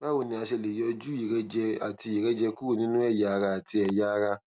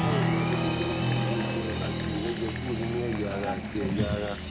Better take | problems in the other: first | background sound (Applause); 5 dB above the speech

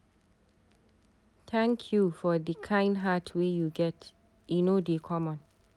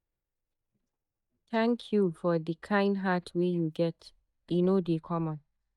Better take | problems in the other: first | noise reduction (neural mask model DeepFilterNet 3)

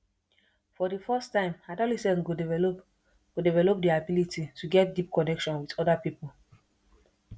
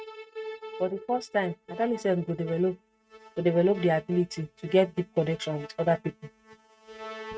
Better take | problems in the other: first | noise reduction (neural mask model RNNoise)

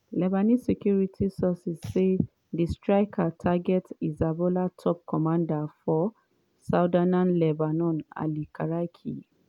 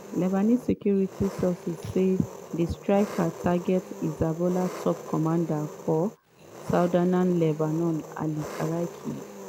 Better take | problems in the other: first | background sound (Engine); 14 dB below the speech

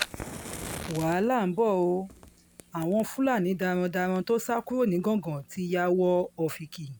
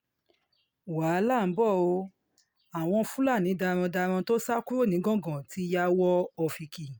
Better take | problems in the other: second | background sound (Fire); 16 dB below the speech

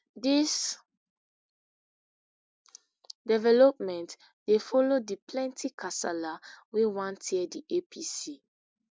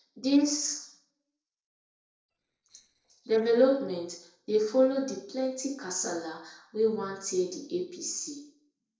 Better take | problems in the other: first | noise reduction (neural separator model SepFormer DNS4)

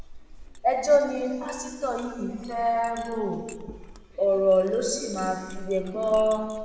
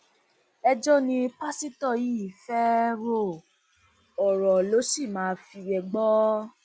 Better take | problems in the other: second | background sound (Chink, clink); 17 dB below the speech // room echo; dies away in 1.5 s

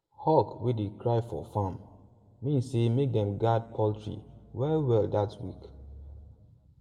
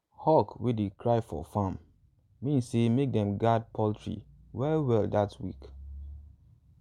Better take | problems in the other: second | room echo; dies away in 1 s

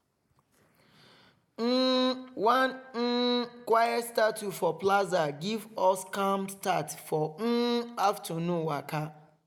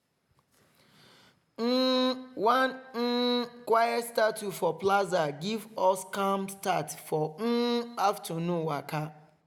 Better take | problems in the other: second | noise reduction (neural mask model Resemble Enhance denoiser)

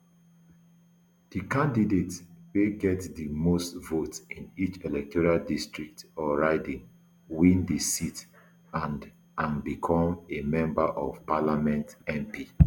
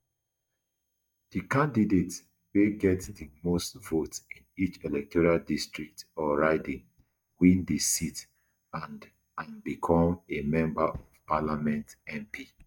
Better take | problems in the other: first | noise reduction (neural mask model DeepFilterNet 3)

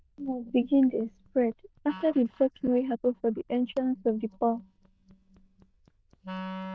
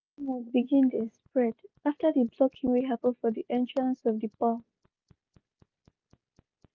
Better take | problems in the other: second | noise reduction (neural diffusion model UNIVERSE++)

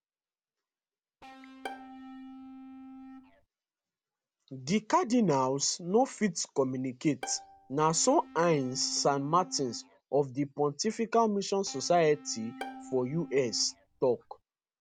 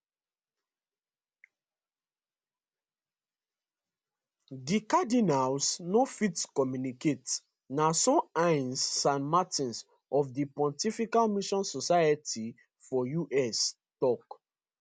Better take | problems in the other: second | background sound (Electric guitar / Bass guitar + Bowed string instrument); 16 dB below the speech

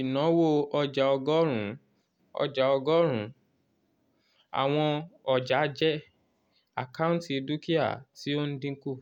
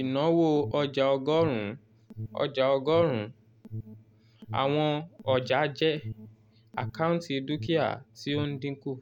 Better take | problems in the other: first | background sound (Alarm); 15 dB below the speech

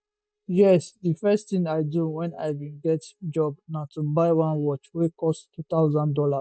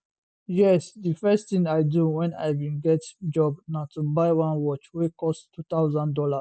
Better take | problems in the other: second | noise reduction (neural mask model DeepFilterNet 3)

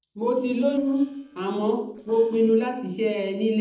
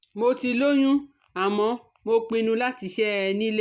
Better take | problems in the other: second | noise reduction (neural separator model SepFormer DNS4)

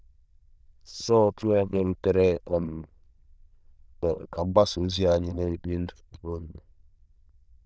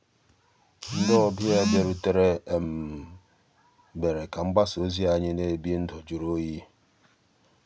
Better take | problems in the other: second | noise reduction (neural diffusion model UNIVERSE++)

